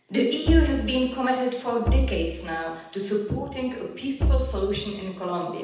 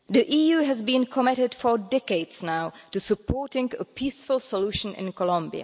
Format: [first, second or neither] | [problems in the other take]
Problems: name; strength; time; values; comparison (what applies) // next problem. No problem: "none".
second | background sound (Bowed string instrument); as loud as the speech // room echo; dies away in 0.9 s